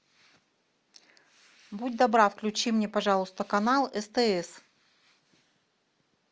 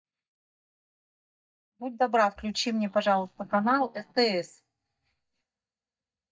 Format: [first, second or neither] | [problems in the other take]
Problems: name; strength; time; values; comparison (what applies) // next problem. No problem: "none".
first | noise reduction (neural mask model DeepFilterNet 3)